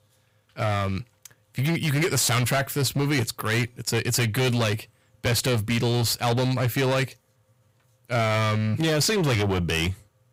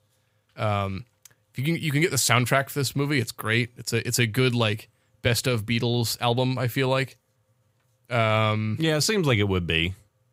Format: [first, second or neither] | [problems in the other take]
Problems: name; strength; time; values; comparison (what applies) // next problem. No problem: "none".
second | distortion; heavy; 17% of the sound clipped